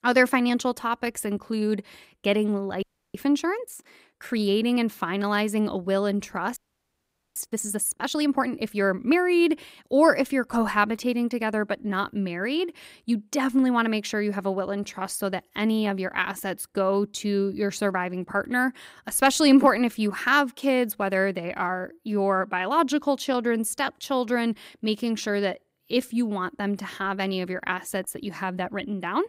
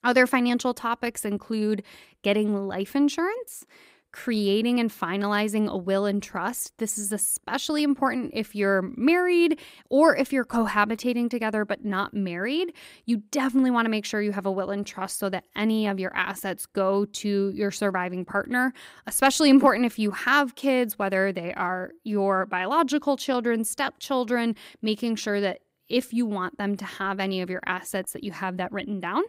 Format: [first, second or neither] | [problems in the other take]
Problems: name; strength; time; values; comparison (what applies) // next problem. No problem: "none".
second | audio freezing; at 3 s and at 6.5 s for 1 s